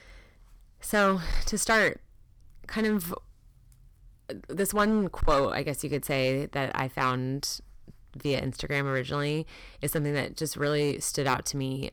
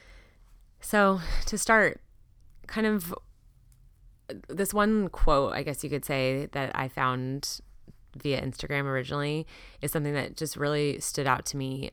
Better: second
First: distortion; slight; 4% of the sound clipped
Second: none

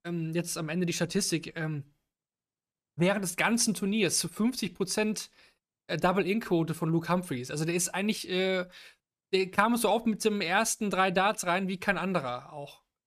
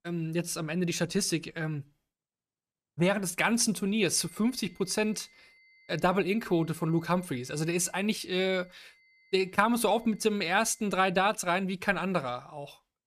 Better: first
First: none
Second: high-pitched whine; faint; from 4 to 11 s; 2 kHz, 30 dB below the speech

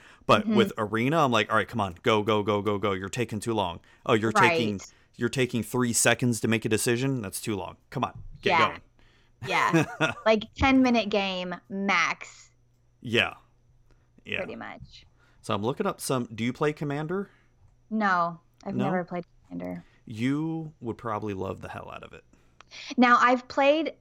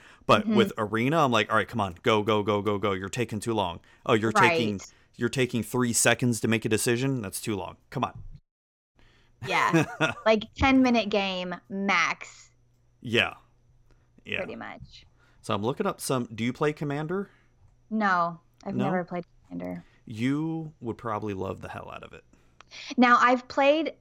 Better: first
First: none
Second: audio cutting out; at 8.5 s for 0.5 s

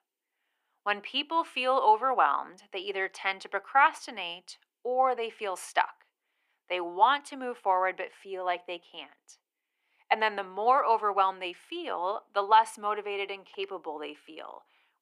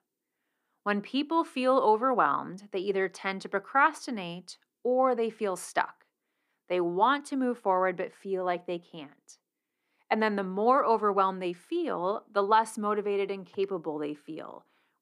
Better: second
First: thin; somewhat; fading below 450 Hz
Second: none

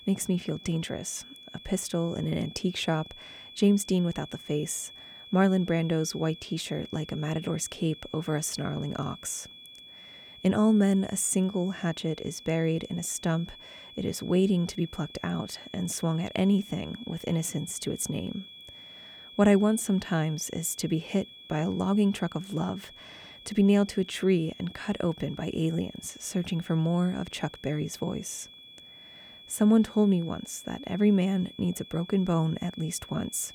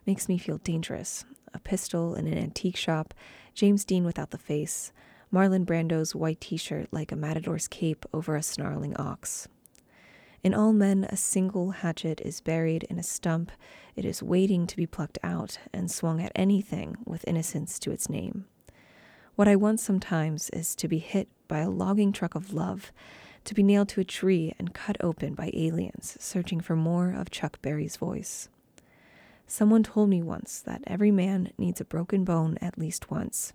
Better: second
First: high-pitched whine; noticeable; throughout; 3.5 kHz, 15 dB below the speech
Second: none

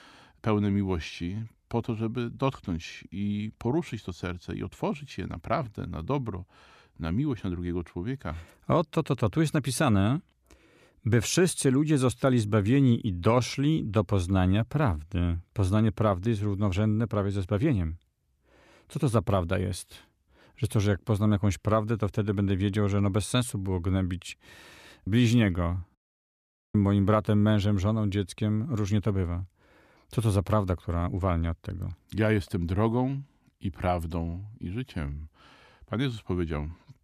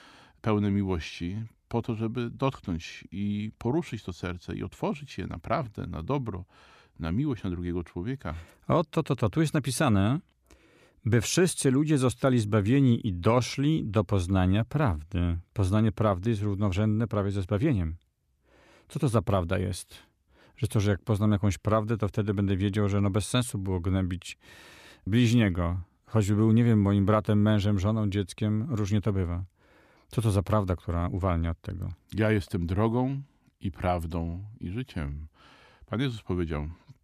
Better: second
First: audio cutting out; at 26 s for 1 s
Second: none

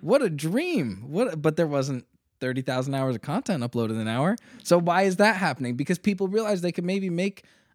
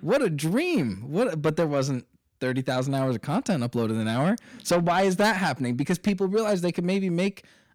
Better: first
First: none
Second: distortion; slight; 10 dB below the speech

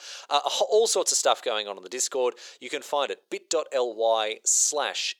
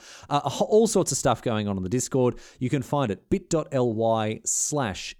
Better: second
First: thin; very; fading below 450 Hz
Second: none

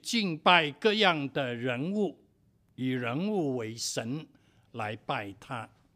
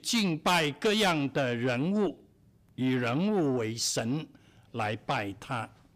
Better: first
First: none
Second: distortion; heavy; 6 dB below the speech

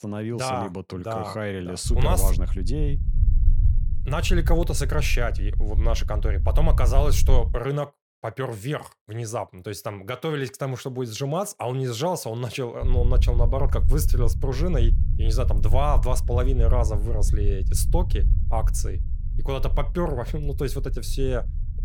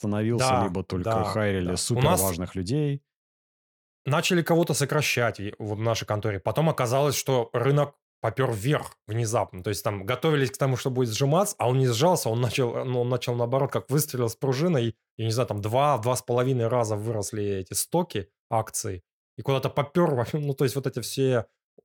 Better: second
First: low rumble; noticeable; from 2 to 7.5 s and from 13 s on; 15 dB below the speech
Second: none

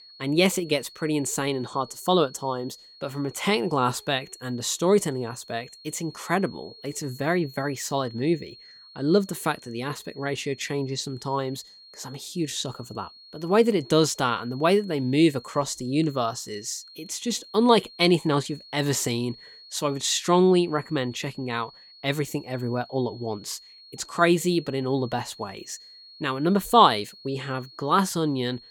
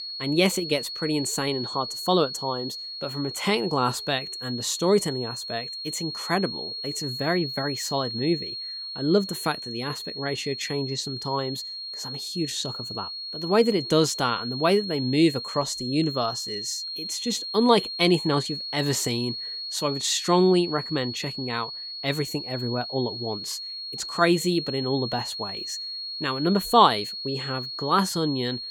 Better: first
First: high-pitched whine; faint; throughout; 4.5 kHz, 20 dB below the speech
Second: high-pitched whine; loud; throughout; 4.5 kHz, 6 dB below the speech

